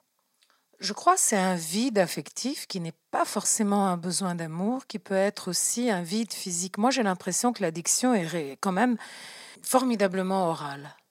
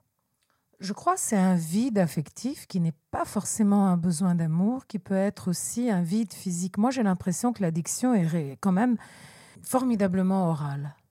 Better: second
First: thin; somewhat; fading below 250 Hz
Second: none

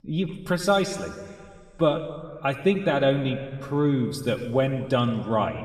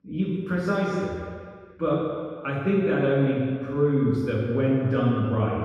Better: first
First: room echo; slight; dies away in 1.7 s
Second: room echo; strong; dies away in 1.8 s // off-mic speech; far

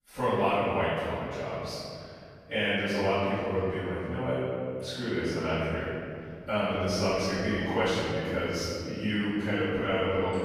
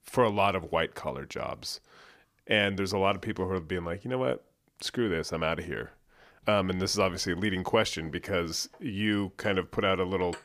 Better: second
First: off-mic speech; far // room echo; strong; dies away in 2.5 s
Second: none

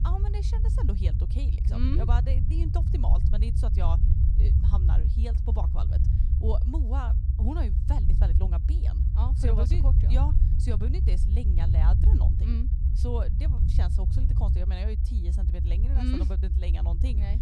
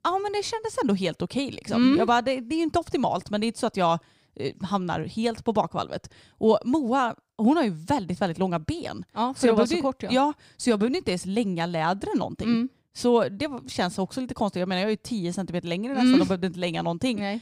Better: second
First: low rumble; loud; throughout; 2 dB below the speech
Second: none

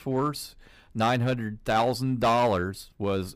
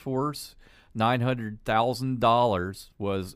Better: second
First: distortion; slight; 5% of the sound clipped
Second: none

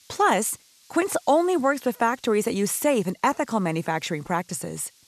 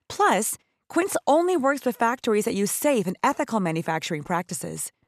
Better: second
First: hiss; faint; throughout; 30 dB below the speech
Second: none

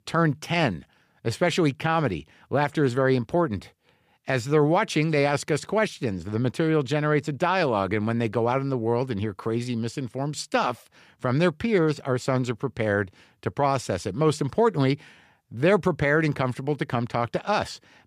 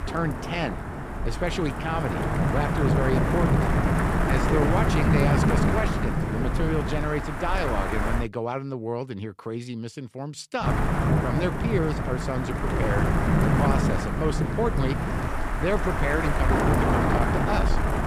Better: first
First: none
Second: wind noise on the microphone; heavy; until 8 s and from 11 s on; 2 dB above the speech

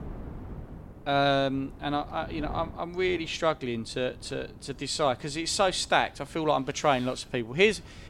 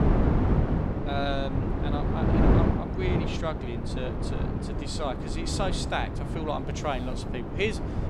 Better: first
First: wind noise on the microphone; occasional gusts; 25 dB below the speech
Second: wind noise on the microphone; heavy; 1 dB below the speech

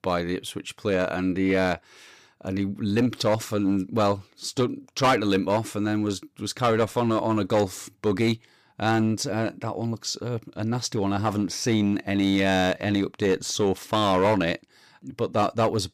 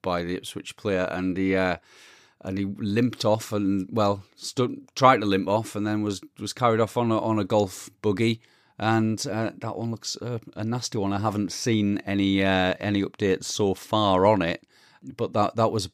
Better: second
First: distortion; slight; 5% of the sound clipped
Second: none

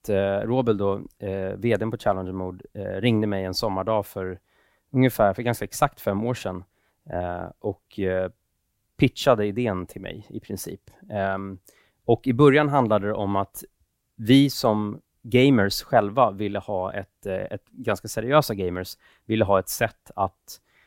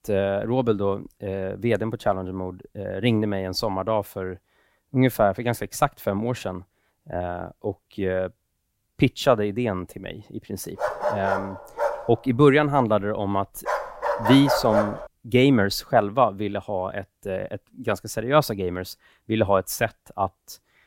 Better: first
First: none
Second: dog barking; loud; from 11 to 15 s; peak 1 dB above the speech

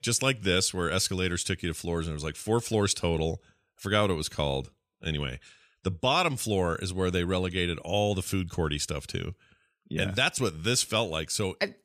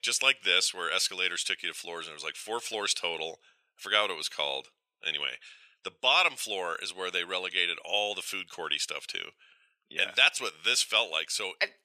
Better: first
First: none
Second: thin; very; fading below 650 Hz

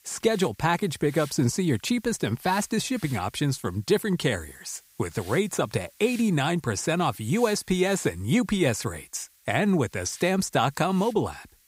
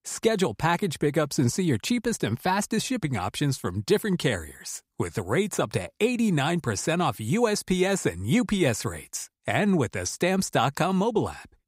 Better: second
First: hiss; faint; throughout; 25 dB below the speech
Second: none

